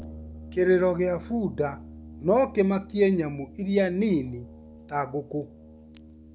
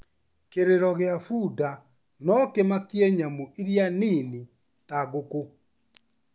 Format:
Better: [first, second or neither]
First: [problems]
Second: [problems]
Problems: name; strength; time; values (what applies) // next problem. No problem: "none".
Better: second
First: background sound (Brass instrument); 17 dB below the speech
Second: none